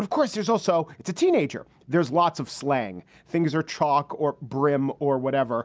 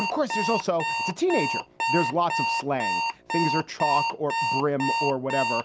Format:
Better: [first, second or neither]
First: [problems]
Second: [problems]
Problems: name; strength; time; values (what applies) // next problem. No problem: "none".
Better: first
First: none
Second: background sound (Alarm); 1 dB below the speech